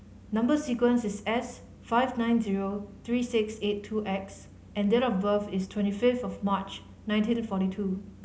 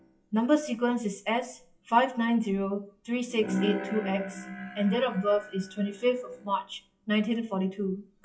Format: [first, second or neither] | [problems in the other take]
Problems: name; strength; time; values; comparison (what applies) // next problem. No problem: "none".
first | noise reduction (classical method WPE with log-MMSE)